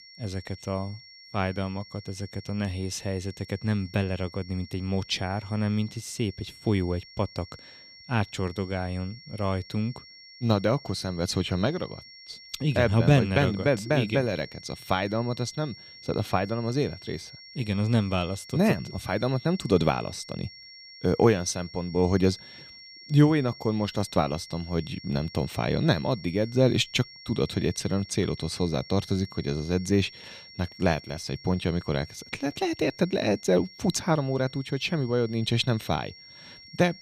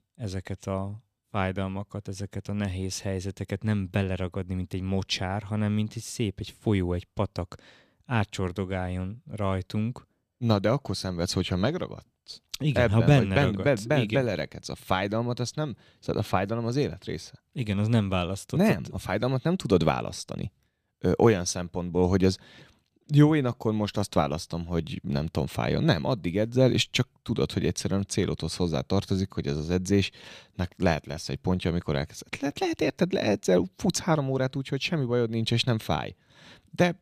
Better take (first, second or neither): second